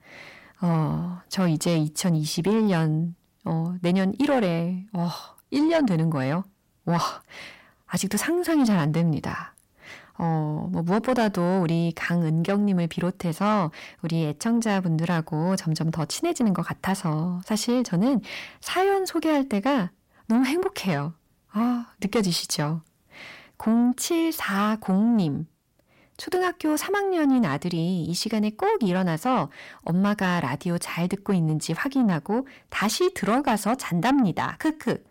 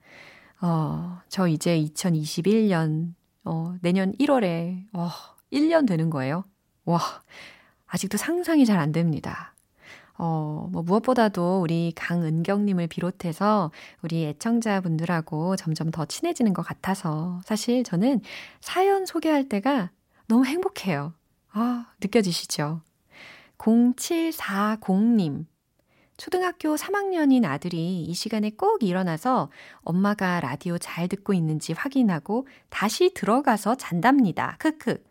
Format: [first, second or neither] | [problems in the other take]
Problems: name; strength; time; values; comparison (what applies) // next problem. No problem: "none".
second | distortion; slight; 10 dB below the speech